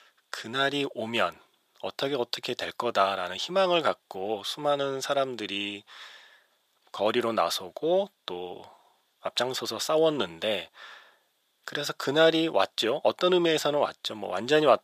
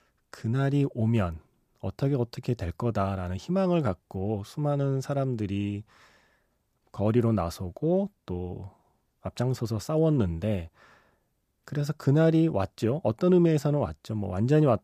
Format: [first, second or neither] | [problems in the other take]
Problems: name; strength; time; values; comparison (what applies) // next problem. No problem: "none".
second | thin; very; fading below 600 Hz